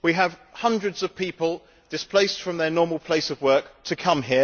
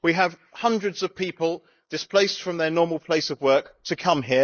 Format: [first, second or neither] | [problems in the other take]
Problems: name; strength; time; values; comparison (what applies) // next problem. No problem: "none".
first | noise reduction (neural mask model Resemble Enhance denoiser)